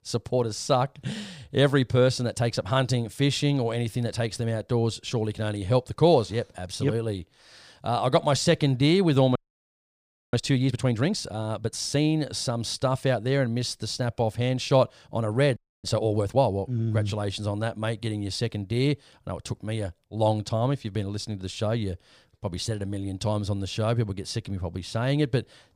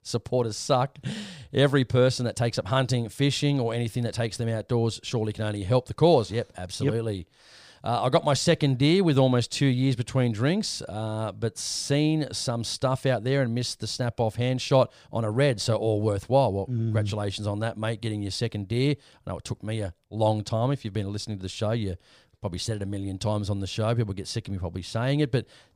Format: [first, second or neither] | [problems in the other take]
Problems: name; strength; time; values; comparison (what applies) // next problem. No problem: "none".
second | audio freezing; at 9.5 s for 1 s and at 16 s